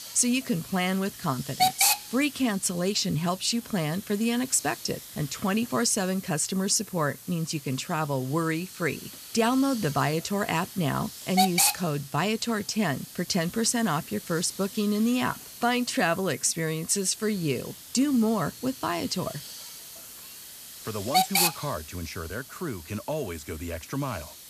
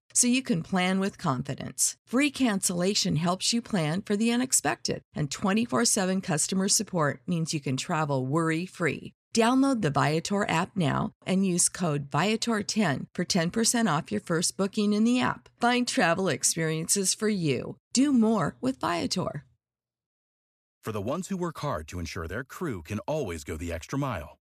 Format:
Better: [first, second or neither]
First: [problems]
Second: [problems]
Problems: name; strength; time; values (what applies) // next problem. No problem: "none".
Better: second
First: hiss; loud; throughout; 6 dB below the speech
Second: none